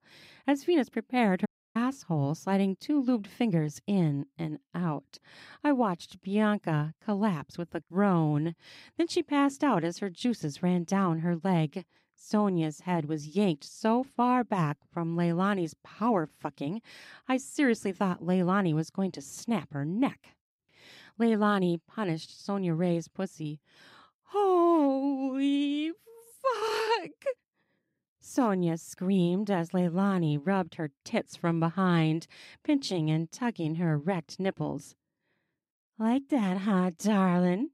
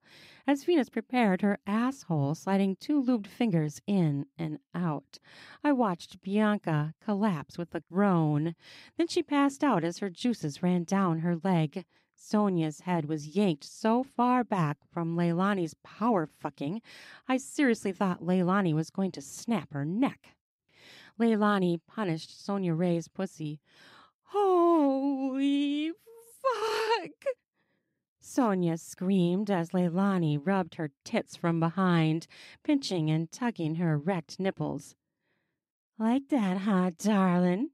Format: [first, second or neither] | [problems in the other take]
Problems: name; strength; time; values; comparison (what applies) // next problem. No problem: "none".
second | audio cutting out; at 1.5 s